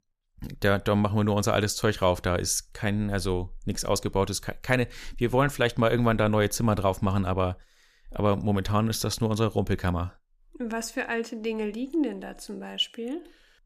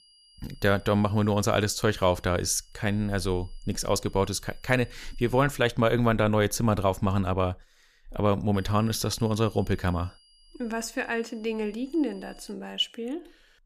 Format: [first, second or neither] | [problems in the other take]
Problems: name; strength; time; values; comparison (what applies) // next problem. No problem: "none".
first | high-pitched whine; faint; until 5.5 s and from 8.5 to 13 s; 5 kHz, 30 dB below the speech